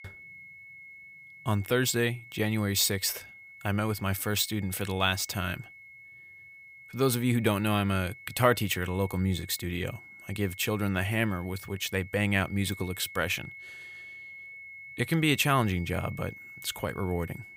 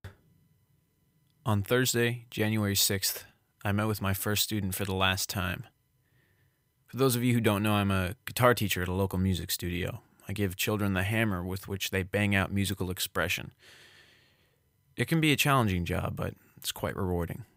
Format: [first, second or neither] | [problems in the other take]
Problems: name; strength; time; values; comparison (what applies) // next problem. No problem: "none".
second | high-pitched whine; noticeable; throughout; 2 kHz, 15 dB below the speech